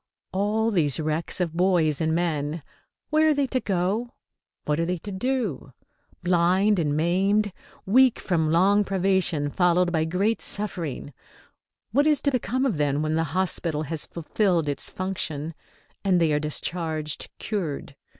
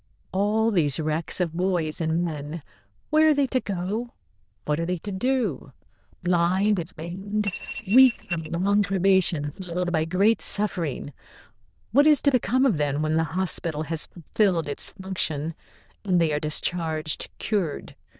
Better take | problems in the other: first | noise reduction (neural diffusion model UNIVERSE++)

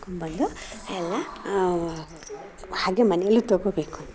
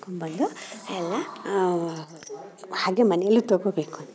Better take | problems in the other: second | background sound (Traffic noise, roadway noise); 20 dB below the speech

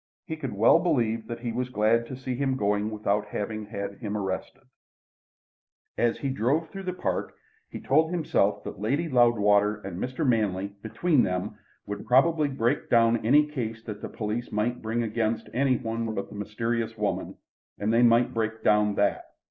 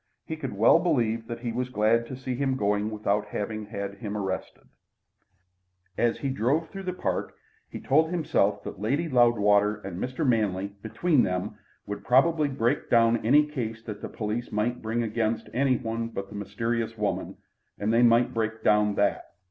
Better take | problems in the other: second | noise reduction (neural mask model Resemble Enhance denoiser)

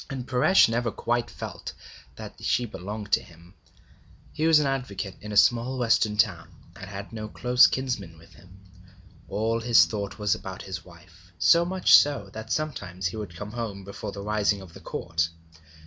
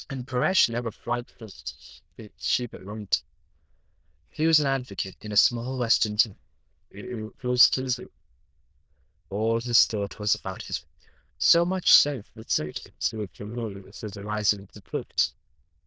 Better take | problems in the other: first | noise reduction (neural diffusion model UNIVERSE++)

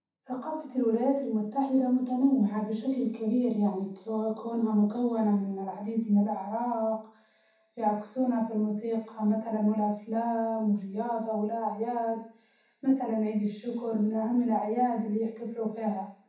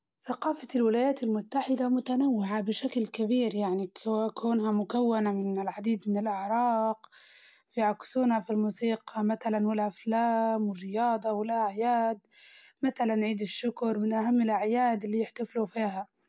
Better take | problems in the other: second | room echo; dies away in 0.7 s

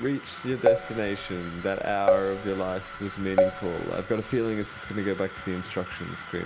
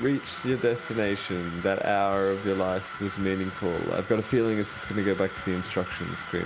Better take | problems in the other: second | background sound (Keyboard (musical)); 1 dB above the speech

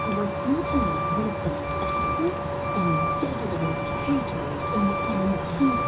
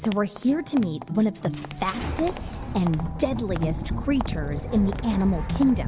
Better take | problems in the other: second | background sound (Truck); as loud as the speech // room echo; dies away in 0.2 s

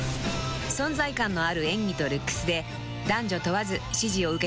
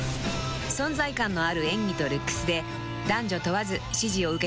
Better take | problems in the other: first | background sound (Wind instrument, woodwind instrument); 13 dB below the speech

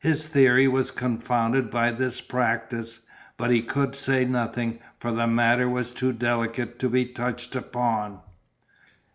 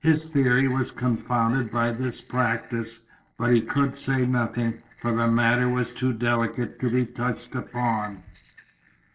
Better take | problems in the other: first | noise reduction (neural separator model SepFormer DNS4)

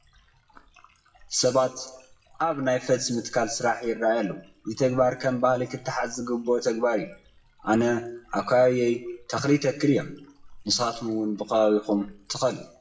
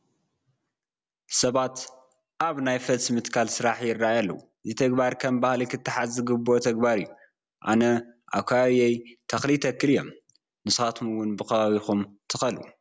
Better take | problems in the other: second | noise reduction (classical method WPE with log-MMSE)

